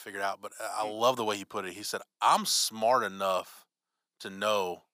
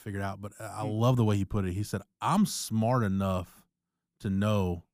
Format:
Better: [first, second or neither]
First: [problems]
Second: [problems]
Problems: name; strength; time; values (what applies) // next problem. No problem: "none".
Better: second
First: thin; very; fading below 650 Hz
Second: none